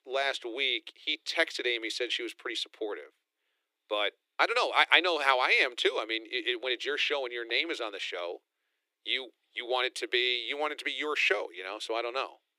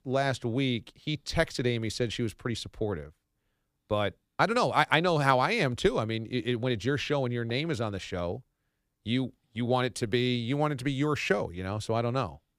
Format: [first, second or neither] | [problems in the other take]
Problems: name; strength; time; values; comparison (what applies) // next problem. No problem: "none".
second | thin; very; fading below 300 Hz